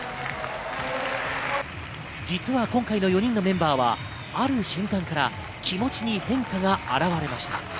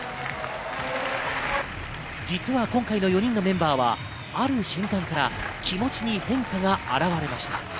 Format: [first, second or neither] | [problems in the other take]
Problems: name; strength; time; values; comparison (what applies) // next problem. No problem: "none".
first | background sound (Engine starting / Car); 12 dB below the speech